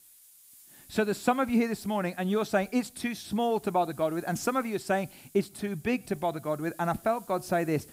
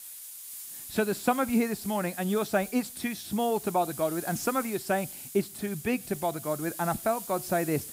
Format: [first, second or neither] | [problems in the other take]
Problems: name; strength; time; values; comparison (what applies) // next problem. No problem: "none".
first | hiss; loud; throughout; 10 dB below the speech; faint in the first